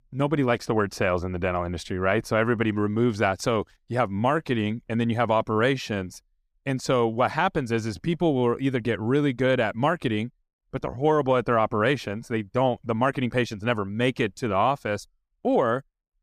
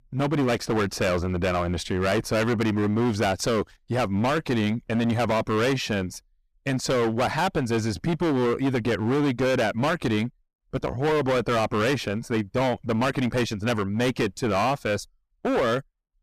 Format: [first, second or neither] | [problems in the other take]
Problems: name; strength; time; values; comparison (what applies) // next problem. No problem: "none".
first | distortion; heavy; 20% of the sound clipped